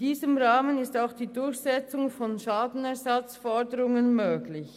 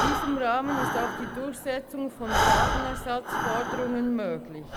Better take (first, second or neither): first